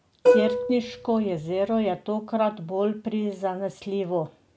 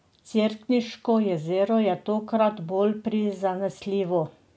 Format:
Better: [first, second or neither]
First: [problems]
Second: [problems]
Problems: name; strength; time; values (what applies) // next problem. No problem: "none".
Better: second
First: background sound (Plucked string instrument); 2 dB above the speech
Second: none